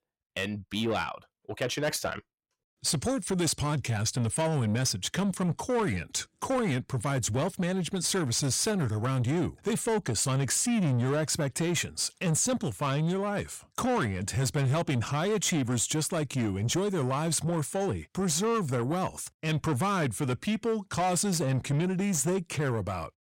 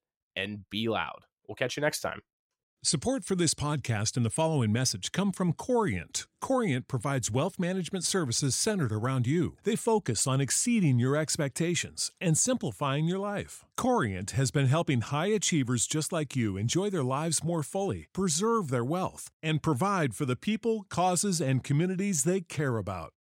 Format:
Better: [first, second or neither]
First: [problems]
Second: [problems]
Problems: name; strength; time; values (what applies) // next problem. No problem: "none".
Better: second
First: distortion; slight; 10 dB below the speech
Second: none